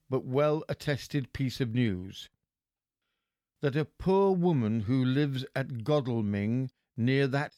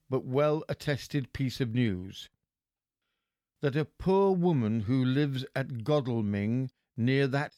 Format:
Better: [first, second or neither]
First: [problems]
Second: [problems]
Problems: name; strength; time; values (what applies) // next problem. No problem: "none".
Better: neither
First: none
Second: none